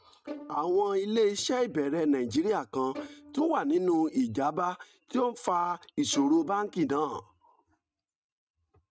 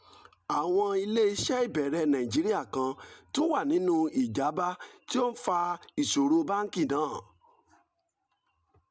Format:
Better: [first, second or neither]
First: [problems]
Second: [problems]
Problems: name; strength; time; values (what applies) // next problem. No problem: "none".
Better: second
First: noise reduction (neural mask model RNNoise)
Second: none